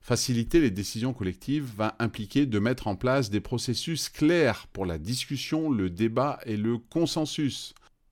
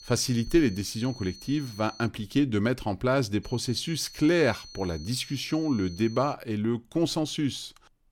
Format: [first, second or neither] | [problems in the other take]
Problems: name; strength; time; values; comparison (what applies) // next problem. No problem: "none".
first | high-pitched whine; noticeable; until 2 s and from 3.5 to 6.5 s; 4.5 kHz, 20 dB below the speech